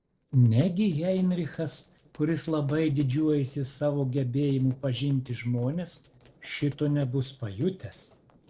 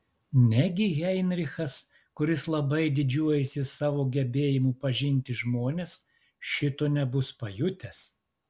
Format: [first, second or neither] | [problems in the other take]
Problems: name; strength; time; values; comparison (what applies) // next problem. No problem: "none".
second | noise reduction (neural separator model SepFormer DNS4)